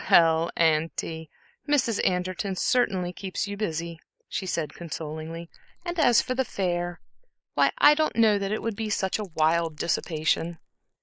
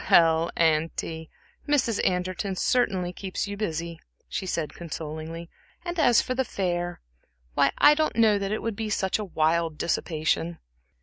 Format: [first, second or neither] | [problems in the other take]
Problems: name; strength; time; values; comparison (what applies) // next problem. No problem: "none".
second | noise reduction (neural mask model Resemble Enhance denoiser)